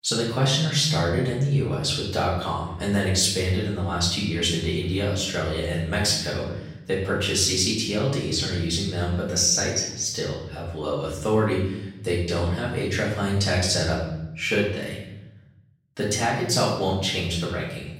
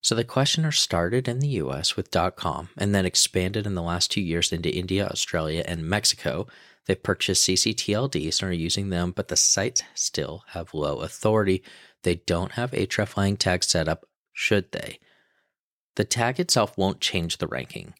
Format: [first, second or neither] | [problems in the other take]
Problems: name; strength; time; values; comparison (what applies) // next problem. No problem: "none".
second | off-mic speech; far // room echo; noticeable; dies away in 1 s